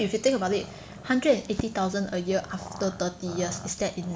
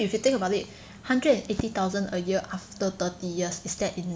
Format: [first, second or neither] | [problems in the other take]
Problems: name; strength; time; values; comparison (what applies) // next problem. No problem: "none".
second | background sound (Growling); 16 dB below the speech